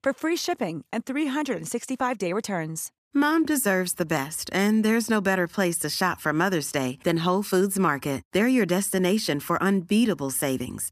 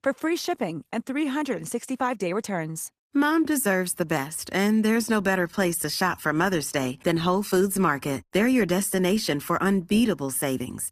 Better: first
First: none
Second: garbled, watery; slightly; nothing above 14.5 kHz

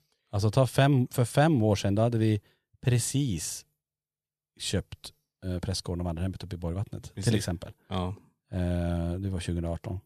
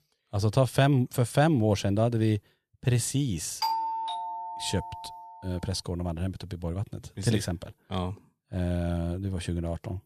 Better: first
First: none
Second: doorbell; noticeable; from 3.5 to 5 s; peak level with the speech

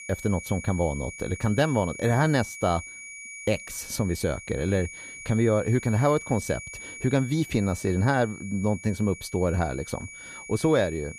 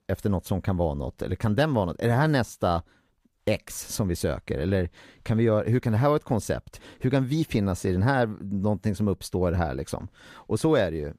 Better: second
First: high-pitched whine; noticeable; throughout; 2.5 kHz, 15 dB below the speech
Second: none

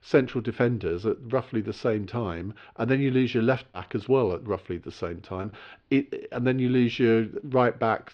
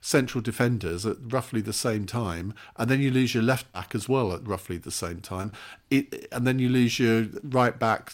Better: second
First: muffled; slightly; fading above 4 kHz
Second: none

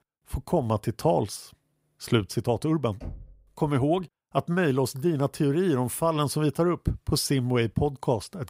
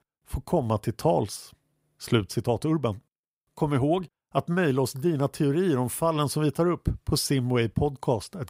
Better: second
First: door banging; faint; at 3 s; peak 15 dB below the speech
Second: none

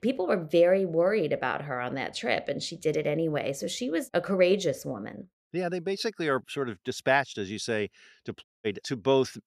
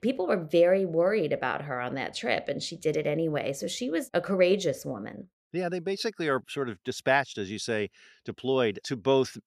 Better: second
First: audio cutting out; at 8.5 s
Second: none

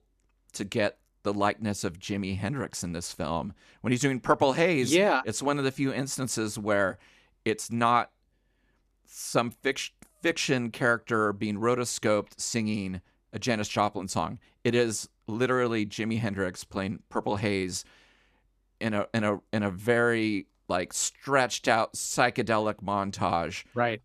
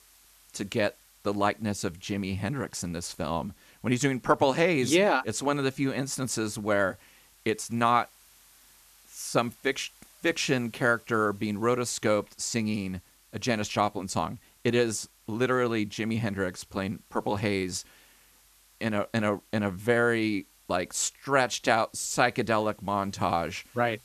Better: first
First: none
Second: hiss; faint; throughout; 30 dB below the speech

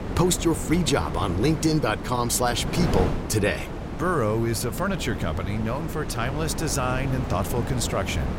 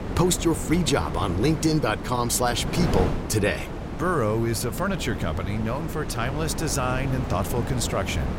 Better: neither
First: wind noise on the microphone; heavy; 8 dB below the speech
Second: wind noise on the microphone; heavy; 8 dB below the speech

